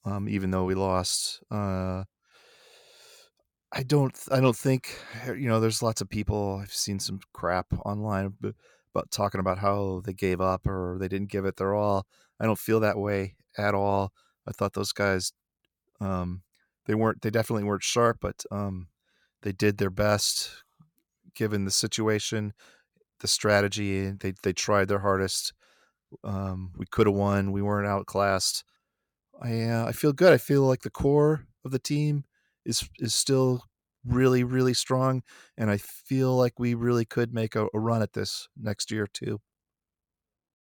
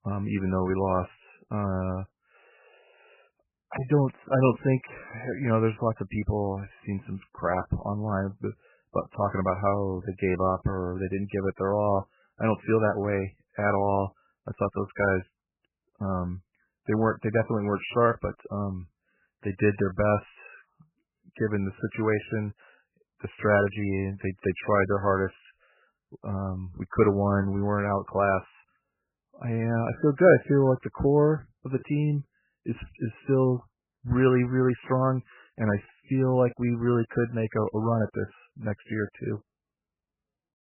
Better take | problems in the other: first | garbled, watery; badly; nothing above 3 kHz

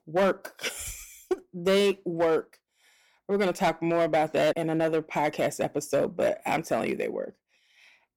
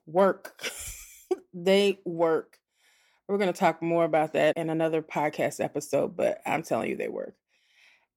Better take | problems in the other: second | distortion; slight; 5% of the sound clipped

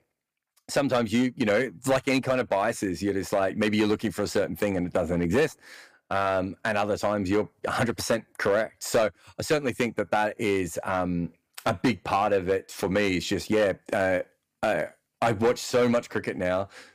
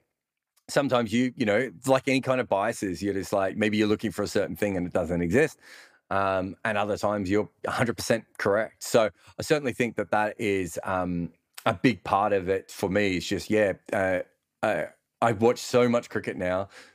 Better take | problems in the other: second | distortion; slight; 4% of the sound clipped

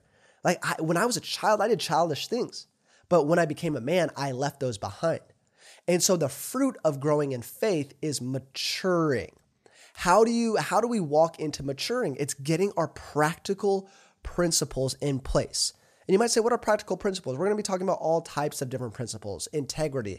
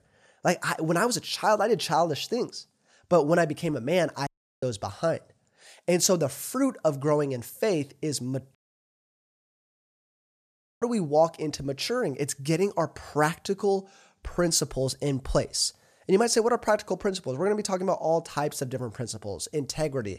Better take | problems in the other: first | audio cutting out; at 4.5 s and at 8.5 s for 2.5 s

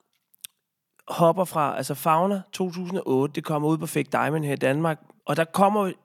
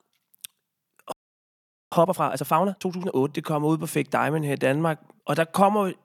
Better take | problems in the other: first | audio freezing; at 1 s for 1 s

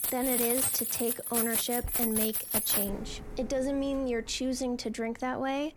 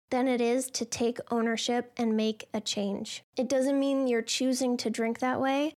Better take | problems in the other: second | household noises; very loud; throughout; 4 dB above the speech

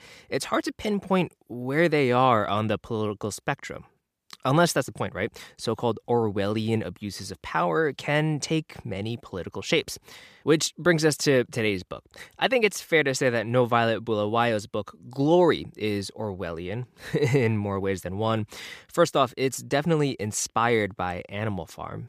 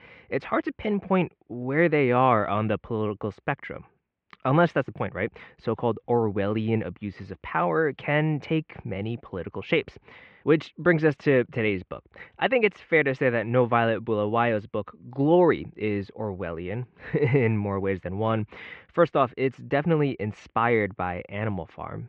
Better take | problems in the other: first | muffled; very; fading above 2.5 kHz

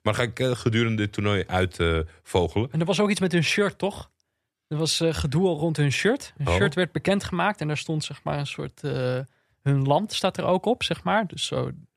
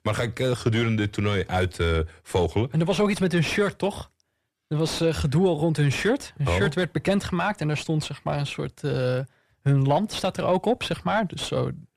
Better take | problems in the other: first | distortion; slight; 10 dB below the speech

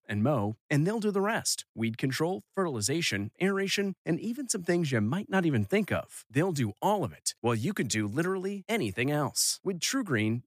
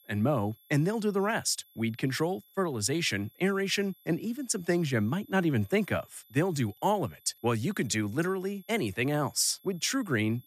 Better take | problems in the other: first | high-pitched whine; faint; throughout; 11.5 kHz, 30 dB below the speech

